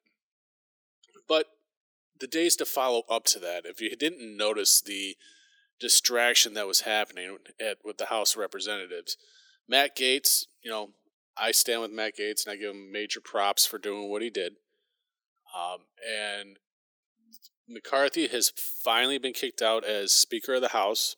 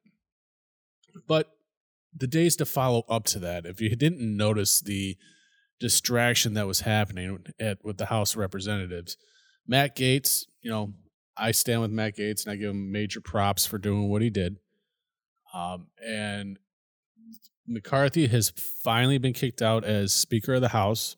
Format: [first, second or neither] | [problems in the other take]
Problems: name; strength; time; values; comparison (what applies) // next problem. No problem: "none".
second | thin; very; fading below 300 Hz